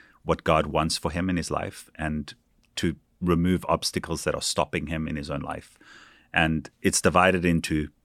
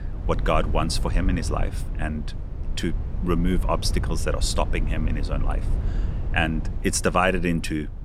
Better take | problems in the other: first | low rumble; noticeable; throughout; 15 dB below the speech

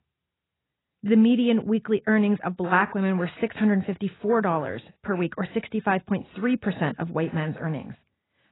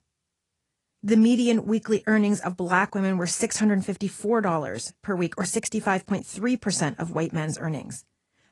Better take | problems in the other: second | garbled, watery; badly; nothing above 3.5 kHz; slightly in the second

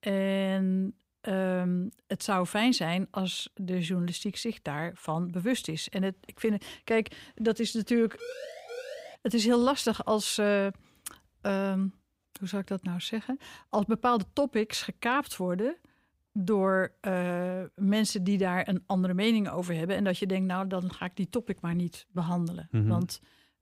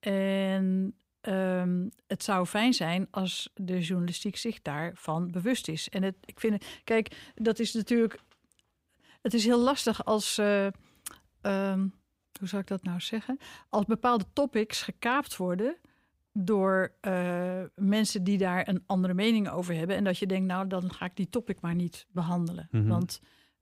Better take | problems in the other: second | siren; faint; at 8 s; peak 10 dB below the speech

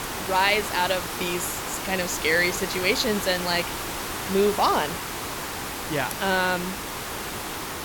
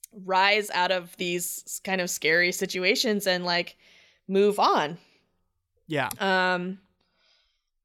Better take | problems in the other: second | hiss; loud; throughout; 6 dB below the speech

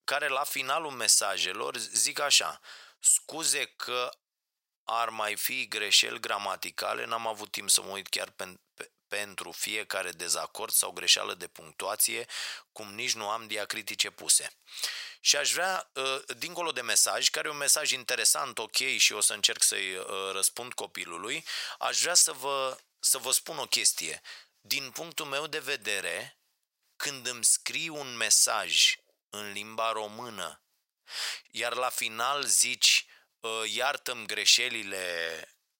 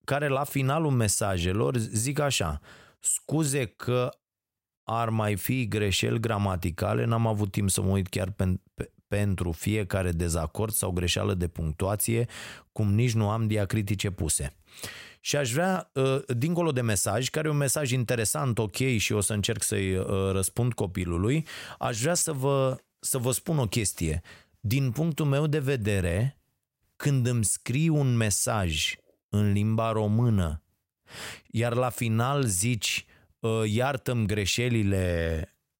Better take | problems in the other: second | thin; very; fading below 850 Hz

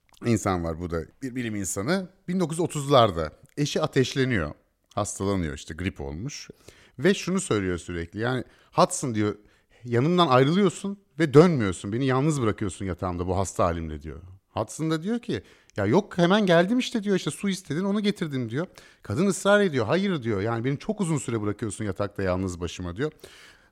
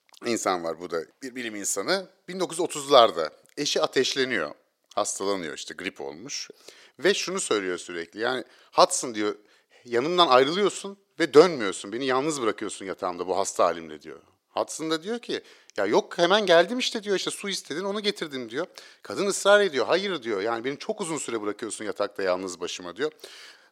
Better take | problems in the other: first | thin; somewhat; fading below 450 Hz

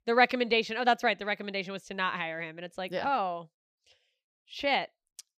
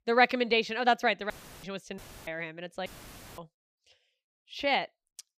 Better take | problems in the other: first | audio cutting out; filled with static; at 1.5 s, at 2 s and at 3 s for 0.5 s

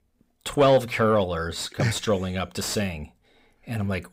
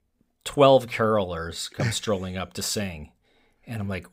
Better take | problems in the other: second | distortion; slight; 10 dB below the speech

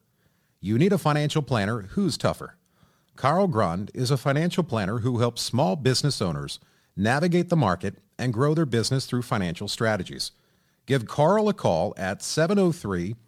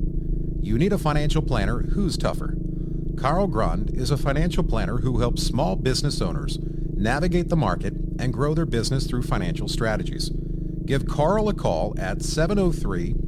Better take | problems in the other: first | low rumble; noticeable; throughout; 10 dB below the speech

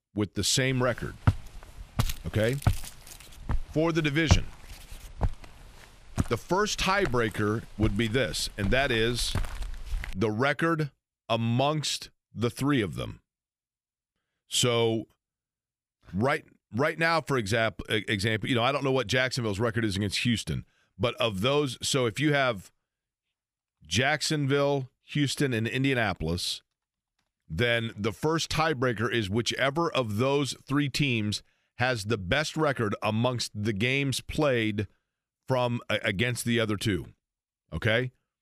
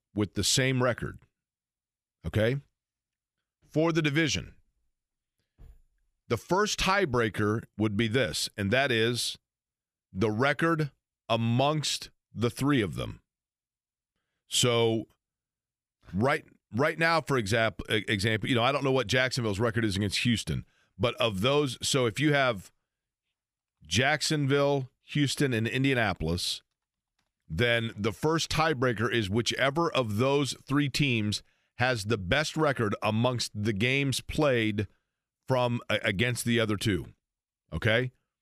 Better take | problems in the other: second | footsteps; noticeable; from 1.5 to 10 s; peak level with the speech

